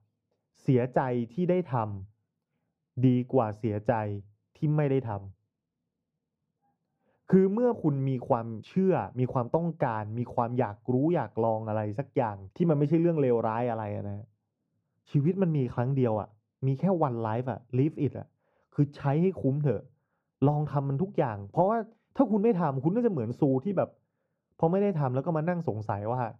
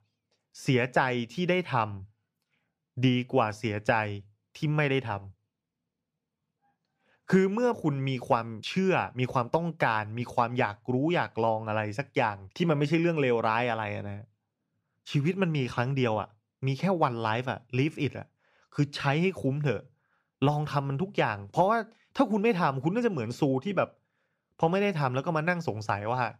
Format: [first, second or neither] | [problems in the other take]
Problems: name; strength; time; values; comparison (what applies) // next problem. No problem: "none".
second | muffled; very; fading above 1.5 kHz